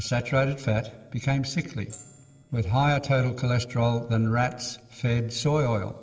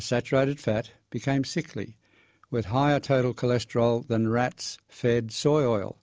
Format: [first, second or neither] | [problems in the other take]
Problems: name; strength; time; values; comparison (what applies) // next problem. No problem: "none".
second | noise reduction (neural separator model SepFormer DNS4)